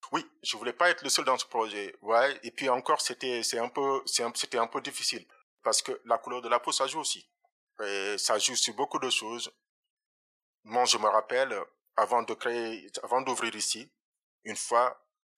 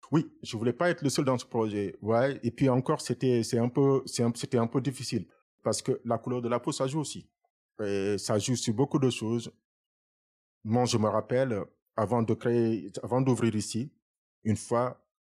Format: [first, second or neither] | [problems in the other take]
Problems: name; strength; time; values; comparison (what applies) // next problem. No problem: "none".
second | thin; very; fading below 850 Hz